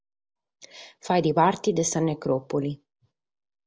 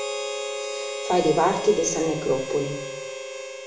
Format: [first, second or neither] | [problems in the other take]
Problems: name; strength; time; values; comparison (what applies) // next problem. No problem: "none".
first | background sound (Harmonica); 6 dB below the speech // room echo; dies away in 0.7 s